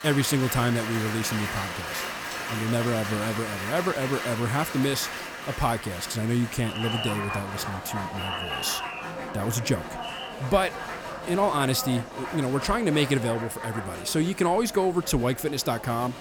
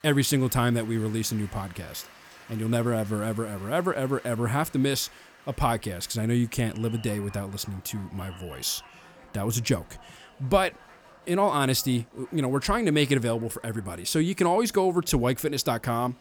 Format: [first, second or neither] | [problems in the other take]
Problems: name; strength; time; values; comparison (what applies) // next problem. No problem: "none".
second | crowd noise; loud; throughout; 6 dB below the speech; faint in the second